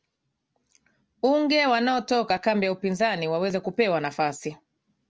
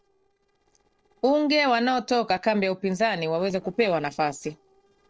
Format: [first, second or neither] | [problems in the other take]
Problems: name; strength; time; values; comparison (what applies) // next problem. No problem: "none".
first | noise reduction (neural separator model SepFormer DNS4)